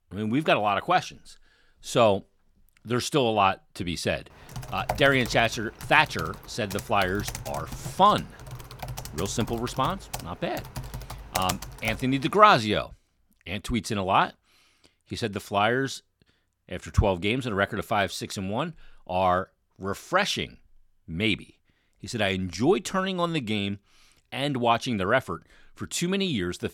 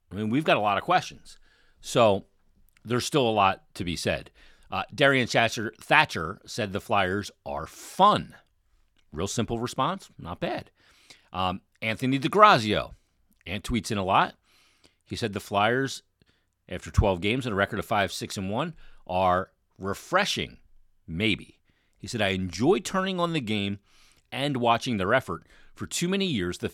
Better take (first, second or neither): second